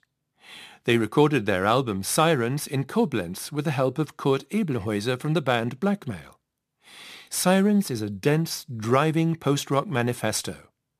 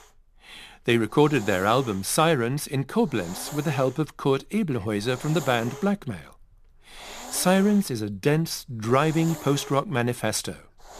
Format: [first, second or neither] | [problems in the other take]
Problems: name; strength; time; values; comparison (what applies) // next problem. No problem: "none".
first | hiss; noticeable; throughout; 15 dB below the speech